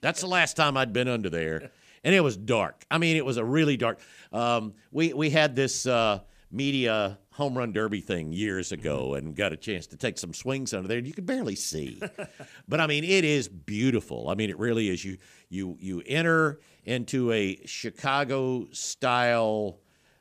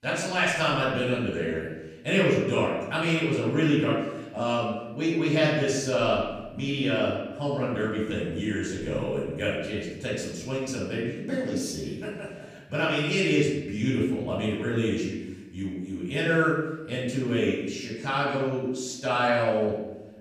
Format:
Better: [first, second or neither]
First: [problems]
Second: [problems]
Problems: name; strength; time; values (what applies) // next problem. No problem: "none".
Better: first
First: none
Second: room echo; noticeable; dies away in 1 s // off-mic speech; far